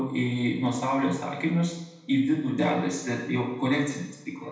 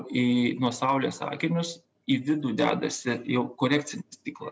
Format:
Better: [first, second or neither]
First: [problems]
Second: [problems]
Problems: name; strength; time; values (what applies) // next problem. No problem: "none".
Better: second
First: room echo; dies away in 0.9 s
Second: none